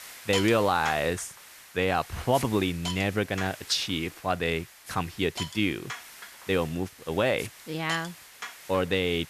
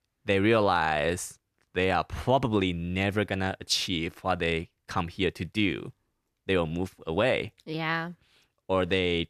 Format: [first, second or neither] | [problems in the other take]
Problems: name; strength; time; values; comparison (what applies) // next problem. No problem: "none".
second | hiss; noticeable; throughout; 10 dB below the speech